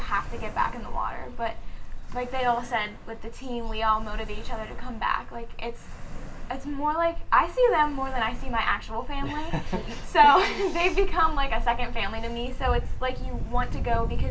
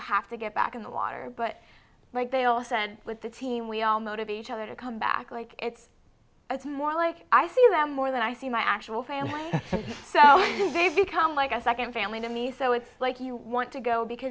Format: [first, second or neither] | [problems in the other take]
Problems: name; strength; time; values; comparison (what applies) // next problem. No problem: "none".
second | background sound (Ocean); 2 dB below the speech // room echo; dies away in 0.2 s